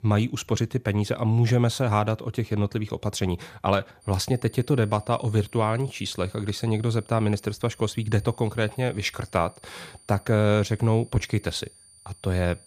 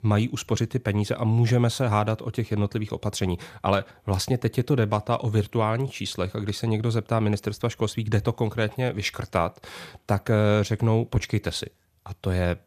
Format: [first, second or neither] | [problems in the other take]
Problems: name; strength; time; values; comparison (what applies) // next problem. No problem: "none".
second | high-pitched whine; faint; from 4 s on; 9 kHz, 25 dB below the speech